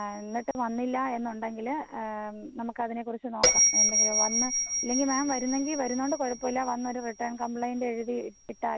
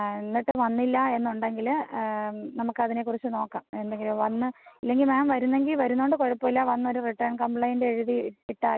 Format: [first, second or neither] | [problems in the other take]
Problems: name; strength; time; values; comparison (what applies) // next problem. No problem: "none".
second | background sound (Bell); as loud as the speech